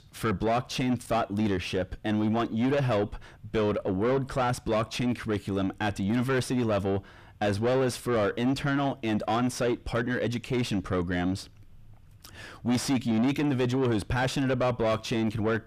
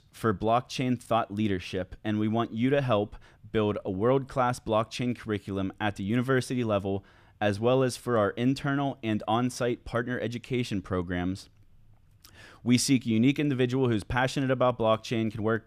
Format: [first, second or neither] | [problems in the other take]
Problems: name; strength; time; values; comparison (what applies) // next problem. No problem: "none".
second | distortion; heavy; 7 dB below the speech